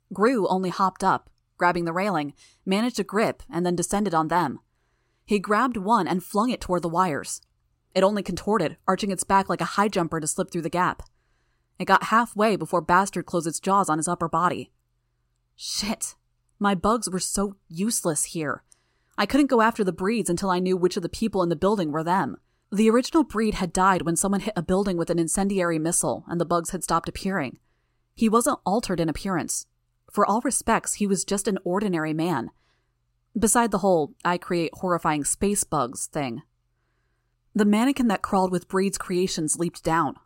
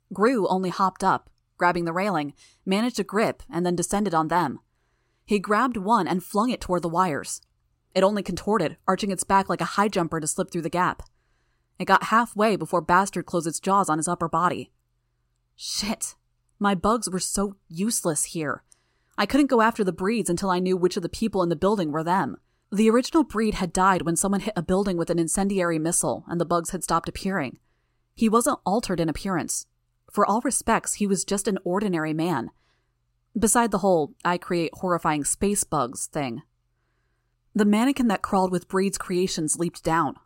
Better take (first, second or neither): neither